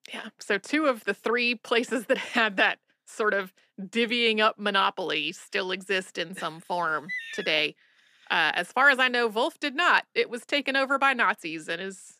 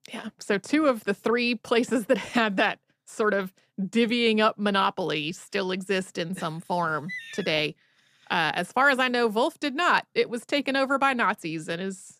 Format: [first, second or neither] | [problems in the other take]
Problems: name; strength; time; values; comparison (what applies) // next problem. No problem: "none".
second | thin; very slightly; fading below 250 Hz